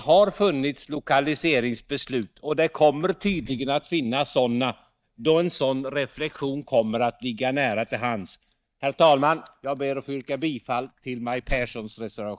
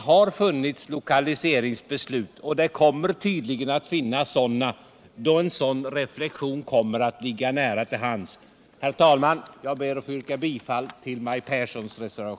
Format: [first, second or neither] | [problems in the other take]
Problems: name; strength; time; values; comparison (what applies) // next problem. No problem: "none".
second | noise reduction (neural mask model DeepFilterNet 3)